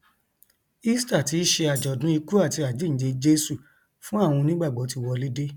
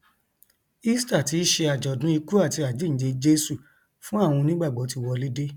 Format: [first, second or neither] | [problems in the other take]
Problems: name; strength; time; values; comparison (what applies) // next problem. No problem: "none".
second | background sound (Tambourine); 16 dB below the speech